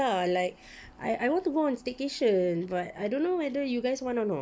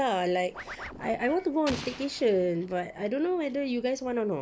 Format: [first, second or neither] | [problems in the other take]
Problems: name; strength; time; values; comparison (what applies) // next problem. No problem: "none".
first | background sound (Scratching (performance technique) + Explosion); 13 dB below the speech